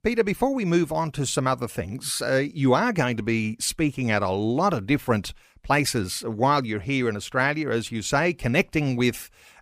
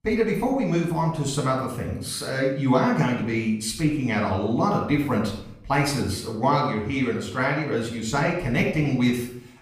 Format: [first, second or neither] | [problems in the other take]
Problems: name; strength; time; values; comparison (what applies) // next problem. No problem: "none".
first | off-mic speech; far // room echo; noticeable; dies away in 0.6 s